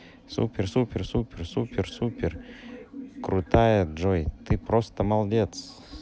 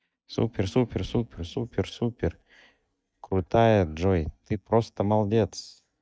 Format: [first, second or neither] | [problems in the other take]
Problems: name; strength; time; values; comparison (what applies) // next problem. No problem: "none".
first | noise reduction (neural mask model DeepFilterNet 3)